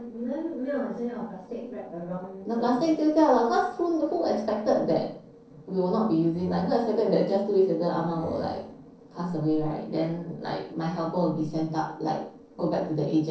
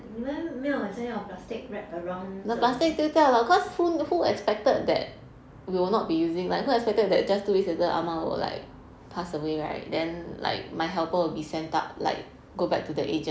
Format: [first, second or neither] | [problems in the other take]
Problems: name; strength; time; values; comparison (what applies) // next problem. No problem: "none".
second | noise reduction (neural separator model SepFormer DNS4)